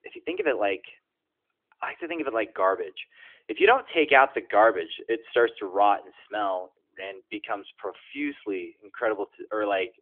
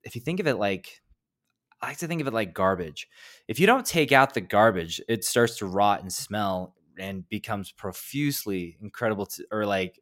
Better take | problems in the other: second | phone-call audio; nothing above 3.5 kHz

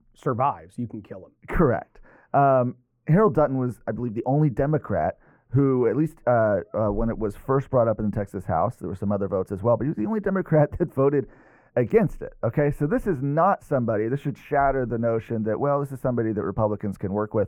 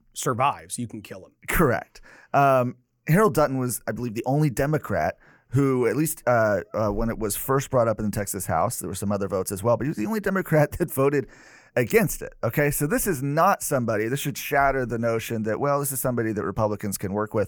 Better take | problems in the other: second | muffled; very; fading above 2.5 kHz

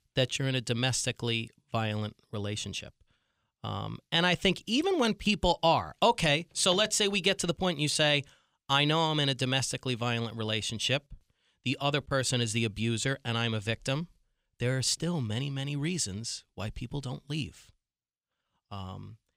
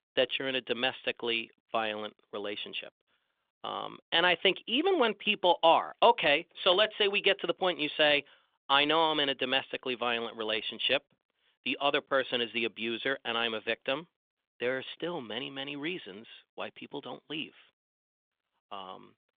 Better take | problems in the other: first | phone-call audio

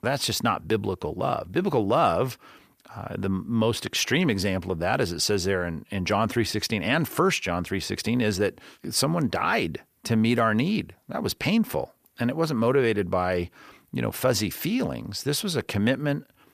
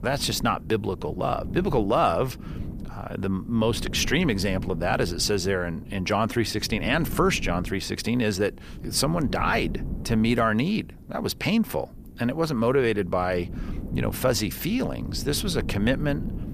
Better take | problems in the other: first | wind noise on the microphone; occasional gusts; 20 dB below the speech

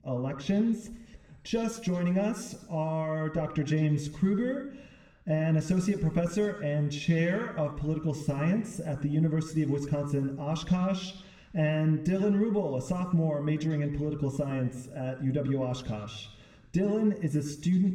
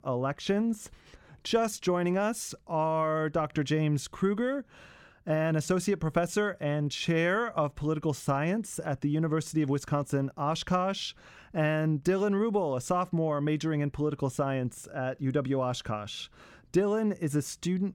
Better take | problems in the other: second | room echo; slight; dies away in 0.8 s // off-mic speech; somewhat distant

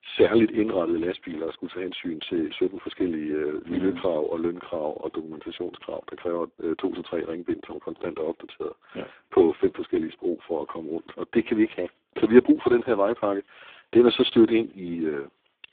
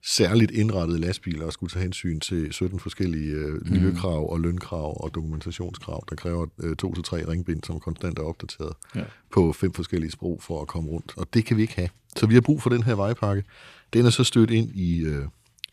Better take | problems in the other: second | phone-call audio; poor line; nothing above 3.5 kHz

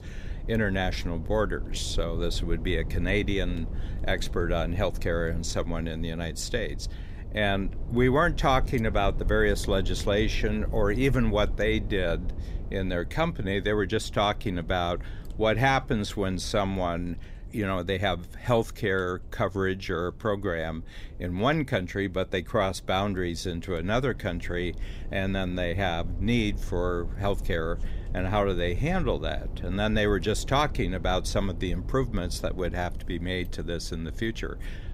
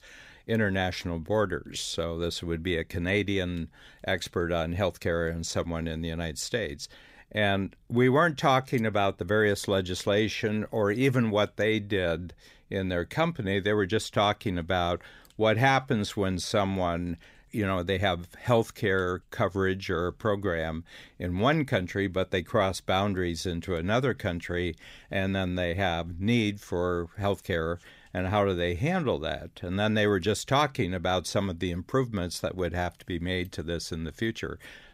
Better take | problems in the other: second | low rumble; faint; throughout; 20 dB below the speech

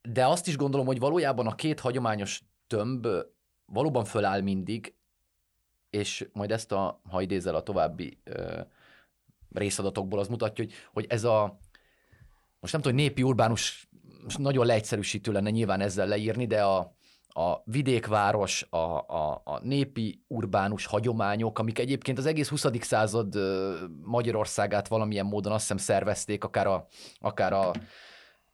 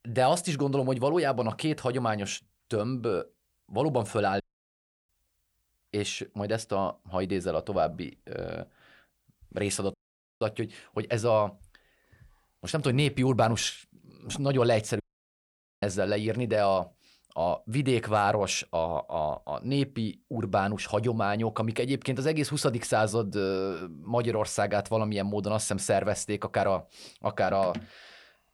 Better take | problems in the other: first | audio cutting out; at 4.5 s for 0.5 s, at 10 s and at 15 s for 1 s

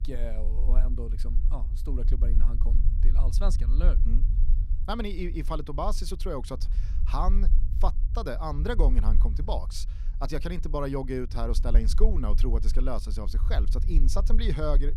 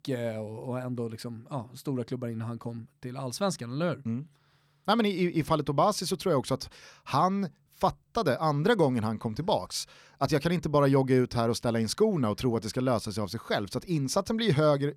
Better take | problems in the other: second | low rumble; noticeable; throughout; 15 dB below the speech

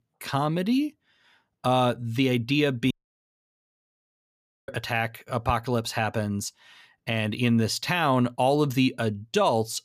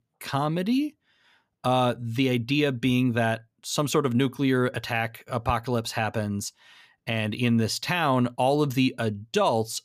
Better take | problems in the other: second | audio cutting out; at 3 s for 2 s

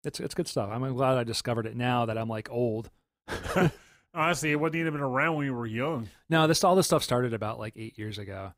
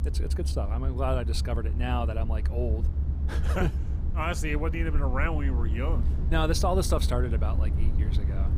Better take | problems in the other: first | low rumble; noticeable; throughout; 10 dB below the speech

